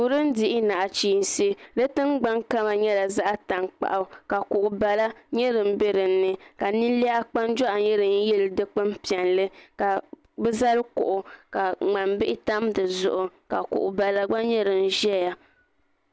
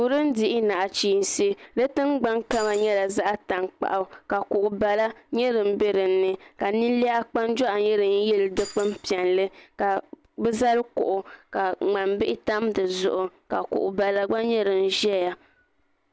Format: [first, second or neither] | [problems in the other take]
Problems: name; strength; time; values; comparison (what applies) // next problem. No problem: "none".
first | background sound (Keys jangling); 19 dB below the speech